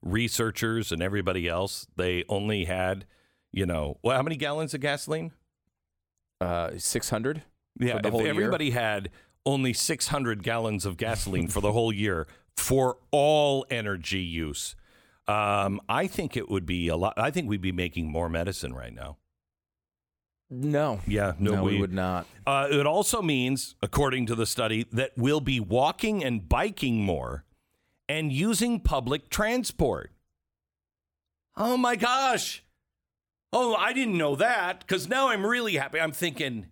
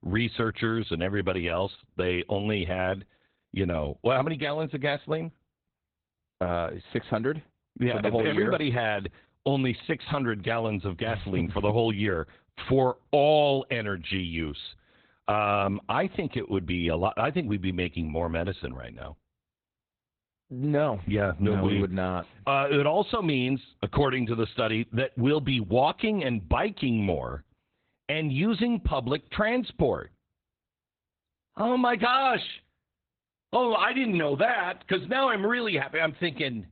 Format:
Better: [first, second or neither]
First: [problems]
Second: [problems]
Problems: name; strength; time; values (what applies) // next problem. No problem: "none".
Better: first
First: none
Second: garbled, watery; badly; nothing above 4 kHz